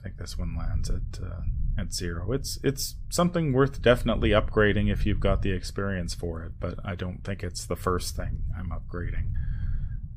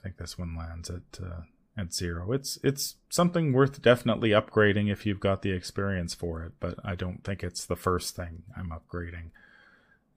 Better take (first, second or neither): second